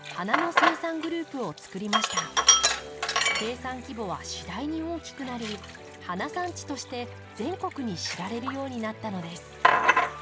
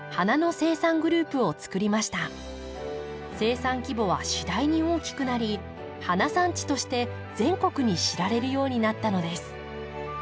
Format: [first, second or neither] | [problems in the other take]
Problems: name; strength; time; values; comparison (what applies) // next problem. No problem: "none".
second | background sound (Sink (filling or washing)); 5 dB above the speech